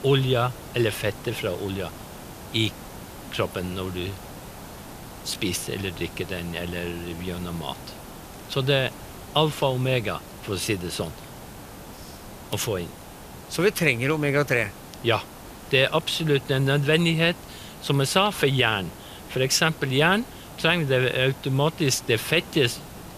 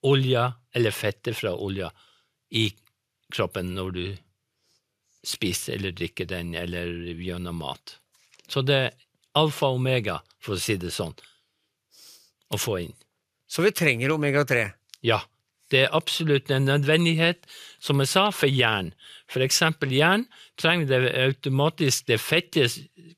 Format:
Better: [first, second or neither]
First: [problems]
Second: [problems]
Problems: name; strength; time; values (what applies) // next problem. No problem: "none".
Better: second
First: hiss; noticeable; throughout; 15 dB below the speech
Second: none